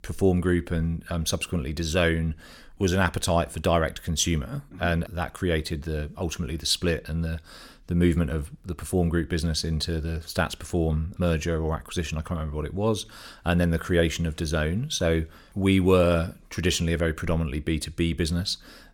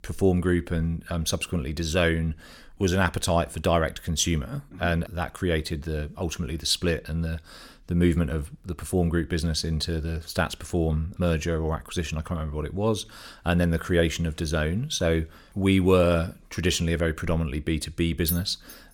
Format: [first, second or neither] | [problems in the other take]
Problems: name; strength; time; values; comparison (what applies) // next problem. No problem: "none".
first | jangling keys; noticeable; at 18 s; peak 5 dB below the speech